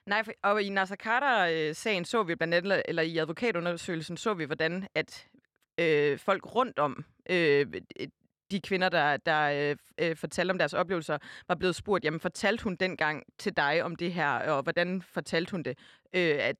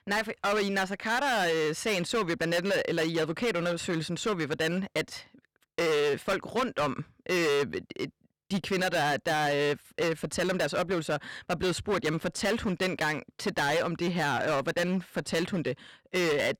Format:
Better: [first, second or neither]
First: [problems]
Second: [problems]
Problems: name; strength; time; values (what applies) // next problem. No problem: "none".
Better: first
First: none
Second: distortion; heavy; 18% of the sound clipped